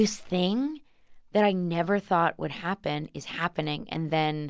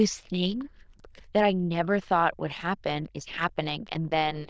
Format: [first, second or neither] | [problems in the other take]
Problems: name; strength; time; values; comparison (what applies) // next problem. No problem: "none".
first | noise reduction (neural diffusion model UNIVERSE++)